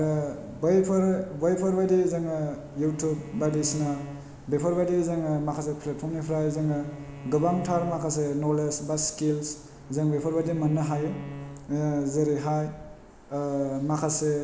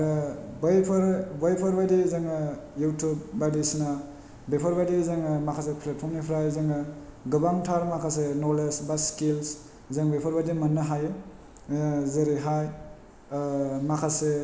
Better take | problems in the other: second | background sound (Bowed string instrument); 16 dB below the speech

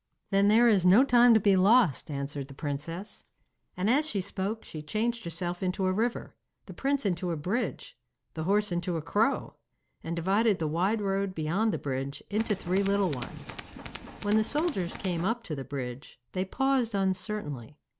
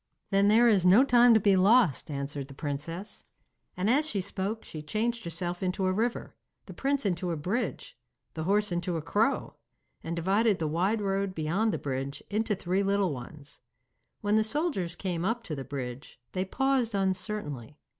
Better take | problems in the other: second | background sound (Tools); 14 dB below the speech

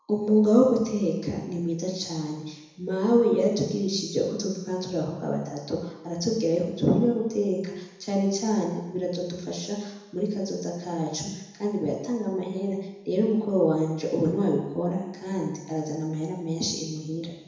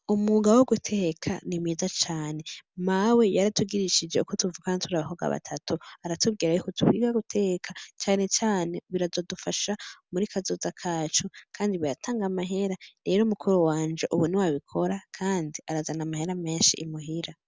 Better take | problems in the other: second | room echo; dies away in 1 s

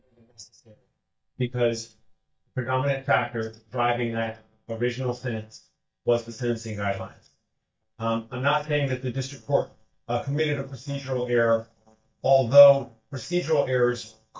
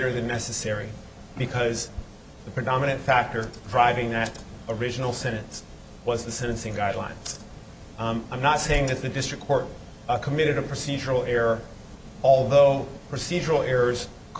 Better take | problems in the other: second | noise reduction (neural mask model DeepFilterNet 3)

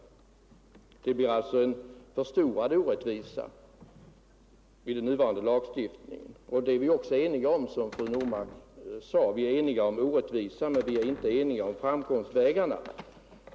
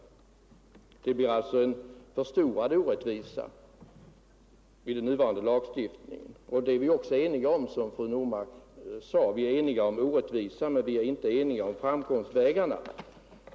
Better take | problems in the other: second | background sound (Cupboard open or close); 17 dB below the speech

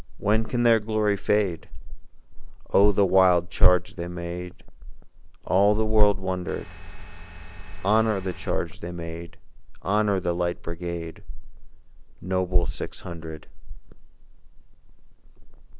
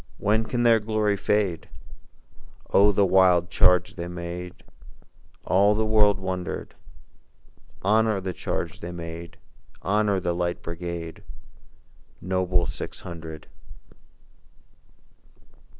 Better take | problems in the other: second | background sound (Engine); 17 dB below the speech

